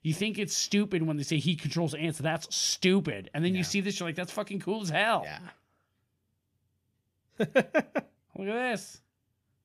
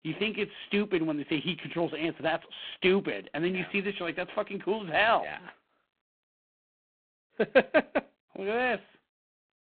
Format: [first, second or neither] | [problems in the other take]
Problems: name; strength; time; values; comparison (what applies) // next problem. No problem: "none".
first | phone-call audio; poor line